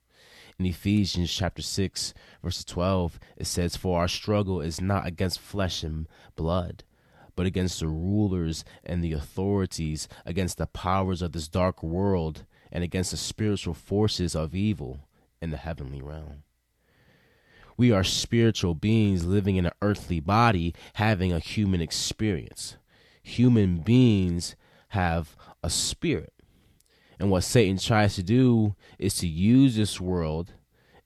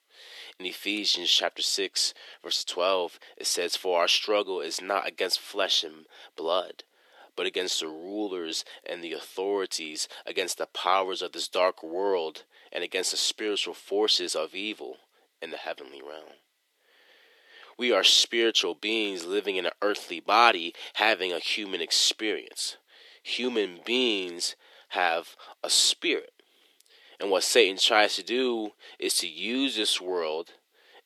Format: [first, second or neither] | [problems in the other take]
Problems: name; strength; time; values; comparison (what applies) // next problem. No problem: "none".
first | thin; very; fading below 350 Hz